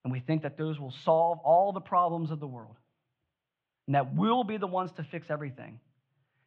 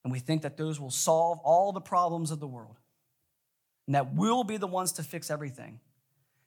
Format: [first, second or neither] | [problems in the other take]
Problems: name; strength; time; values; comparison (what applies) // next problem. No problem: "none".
second | muffled; very; fading above 3.5 kHz